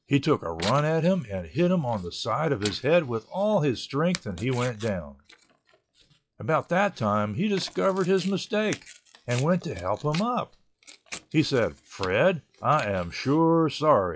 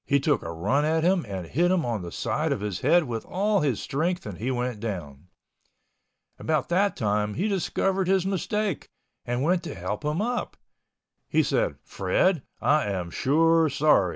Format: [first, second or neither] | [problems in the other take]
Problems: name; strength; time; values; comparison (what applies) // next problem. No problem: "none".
second | noise reduction (classical method log-MMSE)